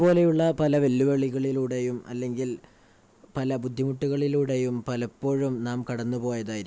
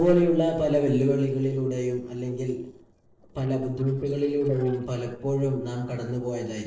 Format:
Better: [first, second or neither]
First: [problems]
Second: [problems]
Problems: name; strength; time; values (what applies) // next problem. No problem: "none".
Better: first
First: none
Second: noise reduction (neural separator model SepFormer DNS4)